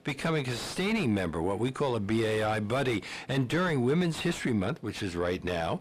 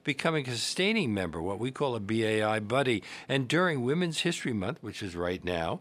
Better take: second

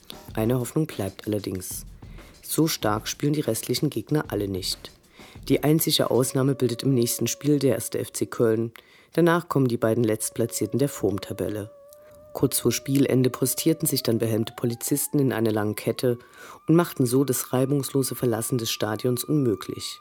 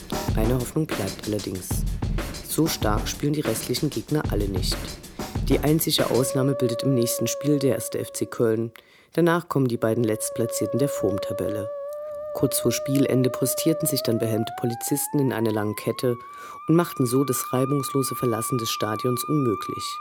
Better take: first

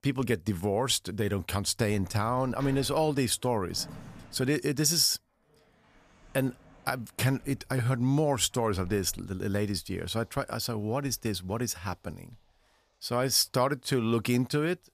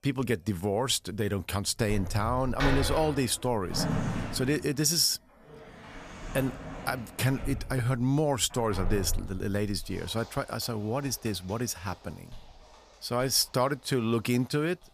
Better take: first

